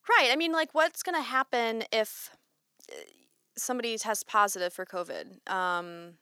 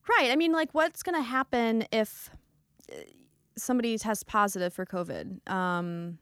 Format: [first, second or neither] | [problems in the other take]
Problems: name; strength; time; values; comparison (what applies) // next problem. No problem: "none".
second | thin; somewhat; fading below 450 Hz